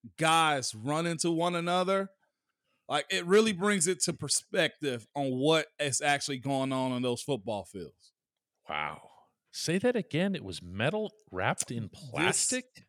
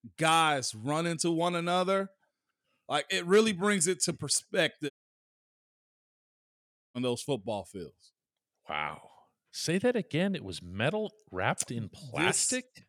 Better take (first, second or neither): first